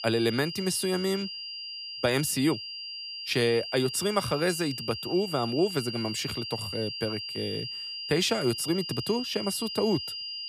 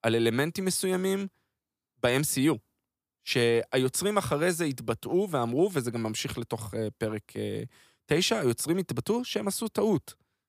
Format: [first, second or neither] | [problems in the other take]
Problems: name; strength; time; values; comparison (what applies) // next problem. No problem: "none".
second | high-pitched whine; loud; throughout; 5 kHz, 6 dB below the speech